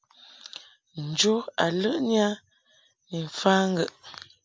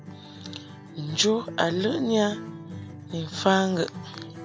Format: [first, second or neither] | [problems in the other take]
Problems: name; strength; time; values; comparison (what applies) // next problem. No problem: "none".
first | background sound (Acoustic guitar); 13 dB below the speech